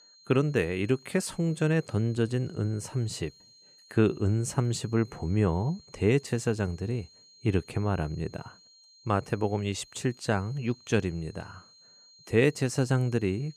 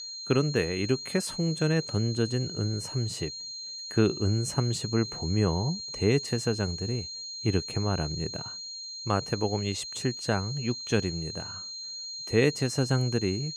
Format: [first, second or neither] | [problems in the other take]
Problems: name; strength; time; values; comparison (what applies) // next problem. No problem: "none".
first | high-pitched whine; loud; throughout; 4 kHz, 7 dB below the speech; faint in the first